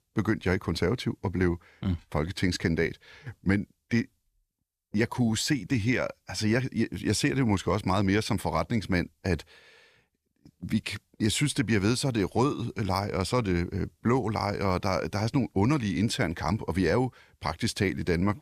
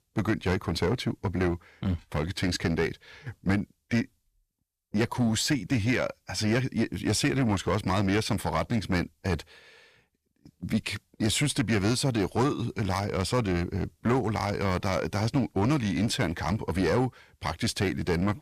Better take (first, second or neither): first